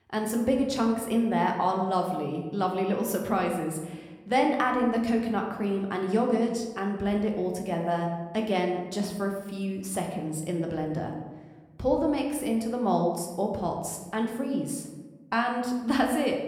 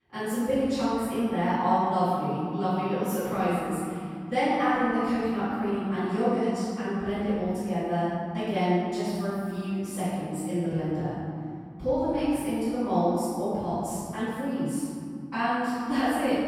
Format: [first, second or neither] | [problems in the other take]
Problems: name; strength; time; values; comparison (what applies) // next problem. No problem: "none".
first | room echo; strong; dies away in 2.6 s; slight in the first // off-mic speech; far